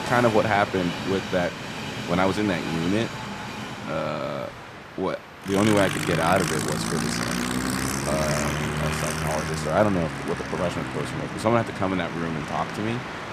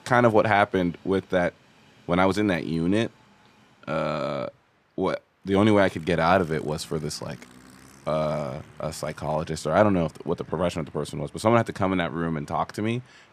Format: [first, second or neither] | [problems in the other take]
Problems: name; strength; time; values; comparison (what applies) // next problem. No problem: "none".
second | train or aircraft noise; loud; throughout; 3 dB below the speech; faint in the second